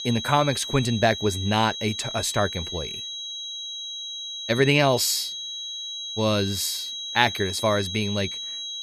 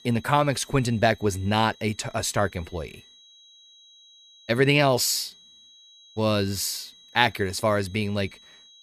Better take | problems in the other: second | high-pitched whine; loud; throughout; 4 kHz, 7 dB below the speech; faint in the second

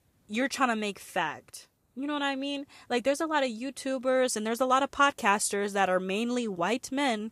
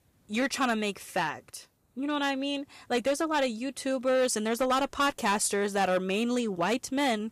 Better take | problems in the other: first | distortion; slight; 6% of the sound clipped

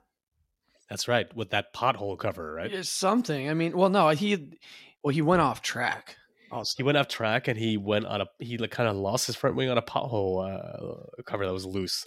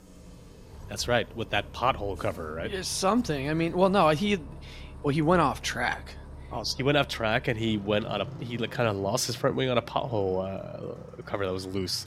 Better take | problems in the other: first | traffic noise; noticeable; throughout; 15 dB below the speech

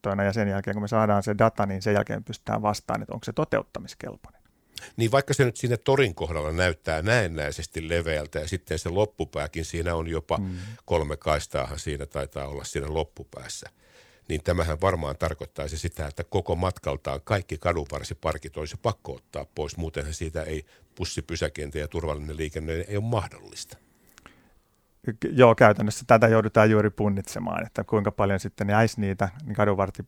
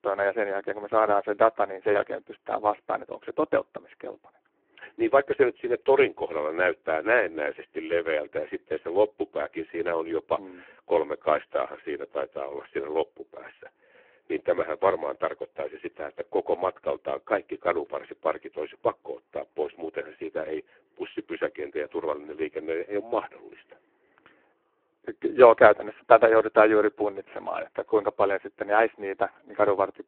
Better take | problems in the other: first | phone-call audio; poor line

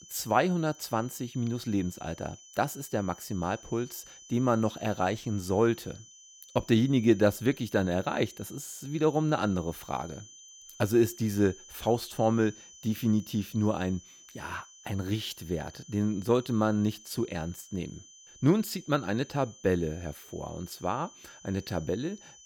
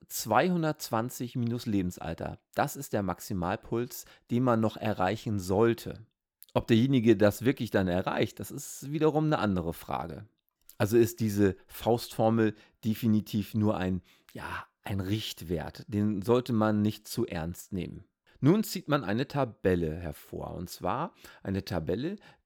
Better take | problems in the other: second | high-pitched whine; noticeable; throughout; 6 kHz, 20 dB below the speech

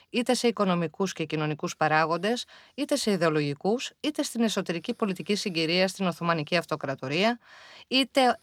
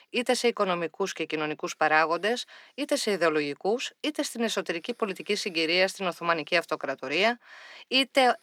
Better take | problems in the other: first | thin; very slightly; fading below 350 Hz

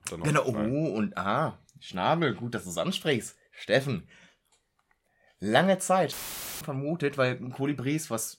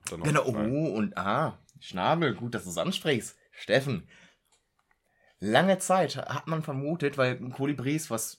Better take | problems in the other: second | audio cutting out; filled with static; at 6 s

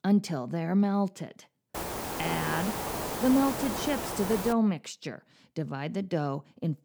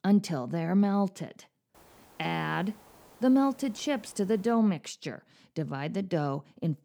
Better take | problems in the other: second | hiss; loud; from 2 to 4.5 s; 4 dB below the speech; faint in the second

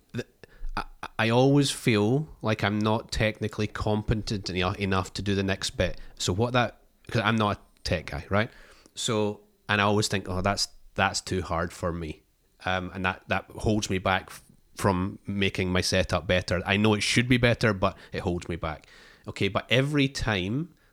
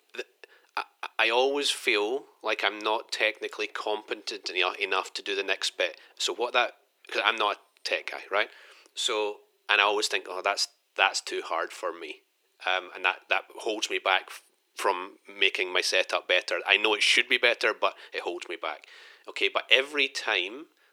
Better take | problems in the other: first | thin; very; fading below 350 Hz

